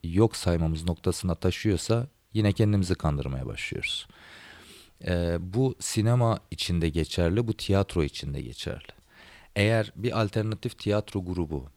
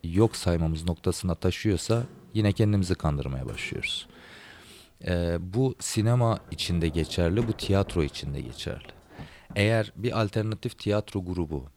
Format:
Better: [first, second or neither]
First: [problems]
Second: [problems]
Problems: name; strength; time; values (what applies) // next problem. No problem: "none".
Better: first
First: none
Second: household noises; noticeable; throughout; 20 dB below the speech